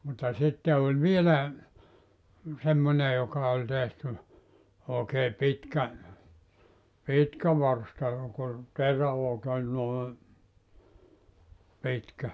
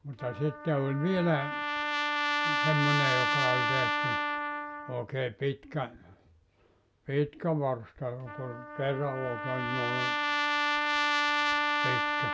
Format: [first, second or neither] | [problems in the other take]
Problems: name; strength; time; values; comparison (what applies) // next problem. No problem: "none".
first | background sound (Trumpet); 2 dB above the speech